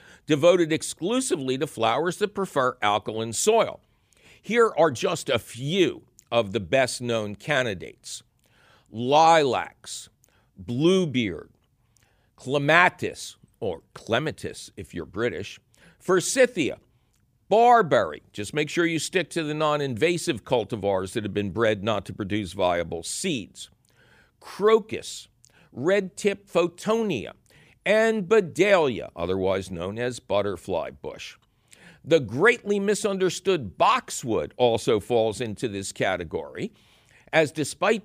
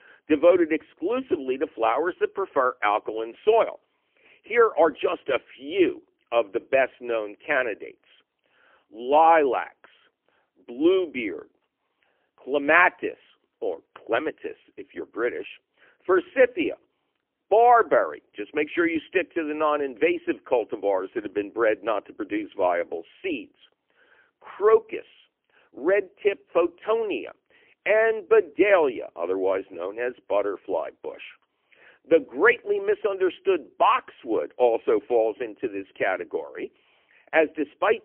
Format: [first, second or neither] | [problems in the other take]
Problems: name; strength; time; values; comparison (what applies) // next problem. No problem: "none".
first | phone-call audio; poor line; nothing above 3 kHz